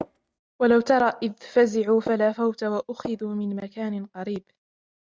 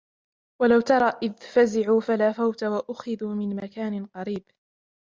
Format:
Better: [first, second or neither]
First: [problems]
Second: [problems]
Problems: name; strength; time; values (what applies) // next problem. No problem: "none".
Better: second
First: noise reduction (neural mask model RNNoise)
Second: none